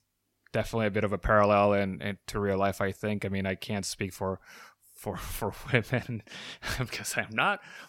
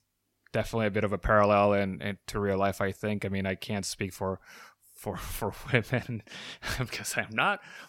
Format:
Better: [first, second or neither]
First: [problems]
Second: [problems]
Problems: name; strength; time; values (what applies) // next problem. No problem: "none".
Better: neither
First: none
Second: none